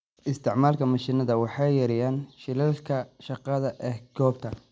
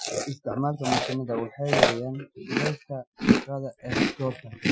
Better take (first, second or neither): first